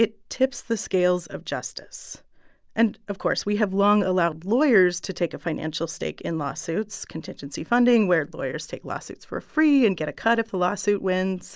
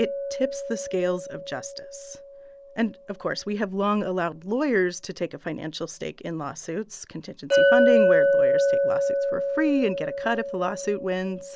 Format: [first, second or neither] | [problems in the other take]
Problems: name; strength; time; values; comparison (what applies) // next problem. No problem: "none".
first | background sound (Chink, clink); 2 dB above the speech